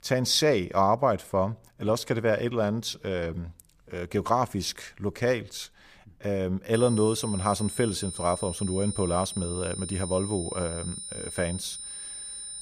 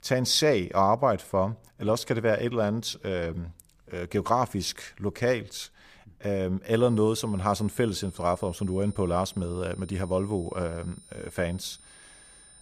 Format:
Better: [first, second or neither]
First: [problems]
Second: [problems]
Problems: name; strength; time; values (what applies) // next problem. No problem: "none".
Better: second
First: high-pitched whine; loud; from 6.5 s on; 9 kHz, 8 dB below the speech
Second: high-pitched whine; faint; from 6.5 s on; 9 kHz, 25 dB below the speech